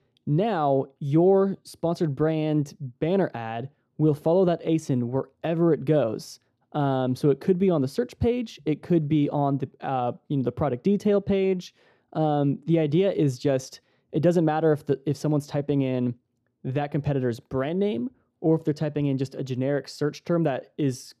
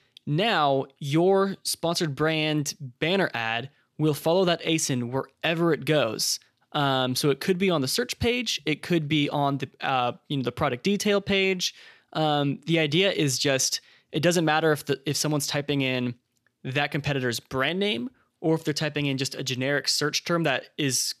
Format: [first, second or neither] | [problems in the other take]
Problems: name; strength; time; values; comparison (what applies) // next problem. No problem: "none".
second | muffled; very; fading above 1 kHz